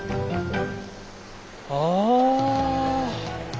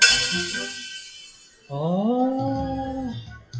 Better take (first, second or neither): first